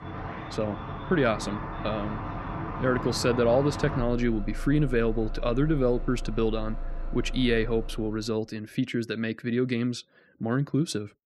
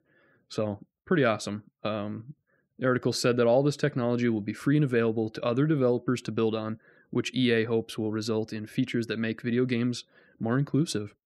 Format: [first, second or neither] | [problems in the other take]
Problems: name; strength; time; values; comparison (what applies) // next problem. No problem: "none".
second | traffic noise; loud; until 8 s; 9 dB below the speech